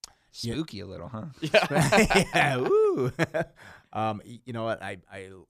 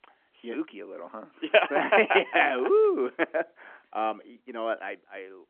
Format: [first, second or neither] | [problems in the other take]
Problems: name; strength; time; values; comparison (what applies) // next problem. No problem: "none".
first | phone-call audio; nothing above 3 kHz